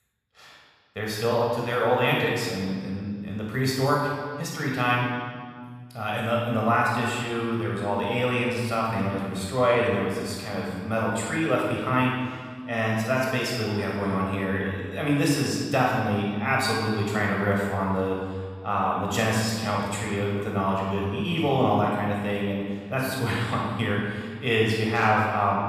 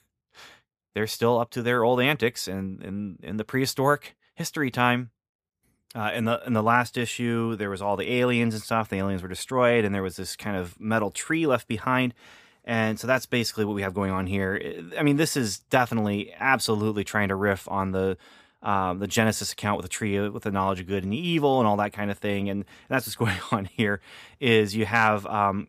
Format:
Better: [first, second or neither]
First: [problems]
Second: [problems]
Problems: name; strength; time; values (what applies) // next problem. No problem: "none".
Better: second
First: off-mic speech; far // room echo; strong; dies away in 1.6 s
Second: none